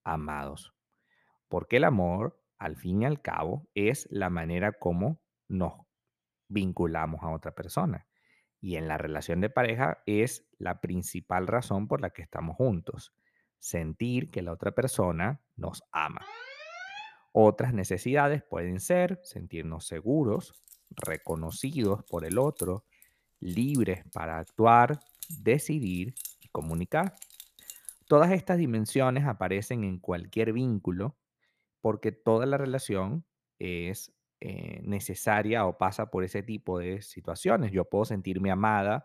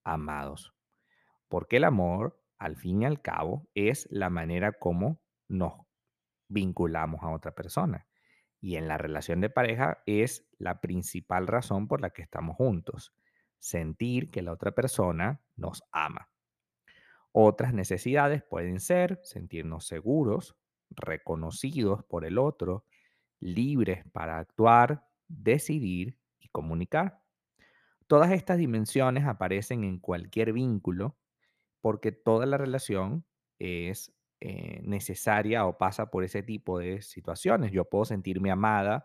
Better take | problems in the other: second | alarm; faint; at 16 s; peak 10 dB below the speech // jangling keys; noticeable; from 21 to 28 s; peak 8 dB below the speech

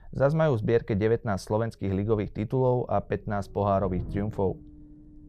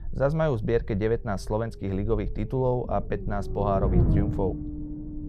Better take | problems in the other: first | low rumble; loud; throughout; 9 dB below the speech; faint in the first

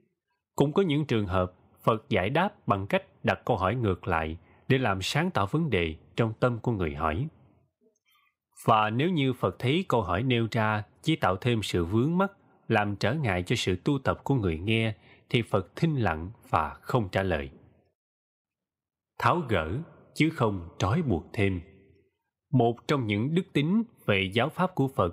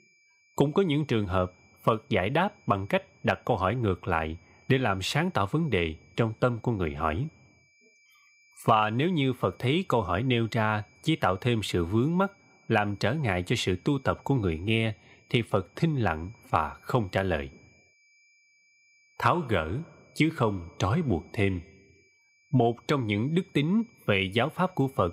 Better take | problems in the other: first | high-pitched whine; faint; throughout; 2.5 kHz, 30 dB below the speech

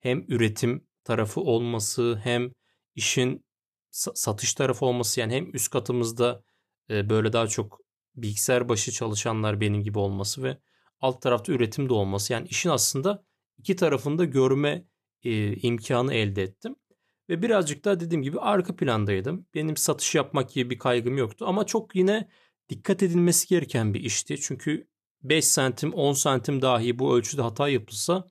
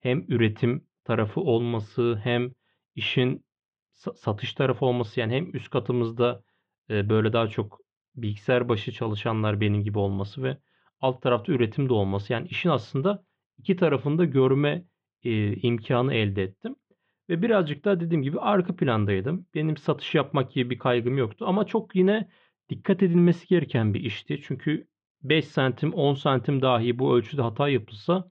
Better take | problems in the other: first | muffled; very; fading above 3.5 kHz

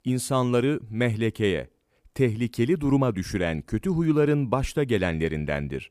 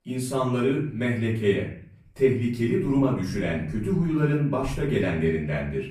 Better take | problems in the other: first | off-mic speech; far // room echo; noticeable; dies away in 0.6 s

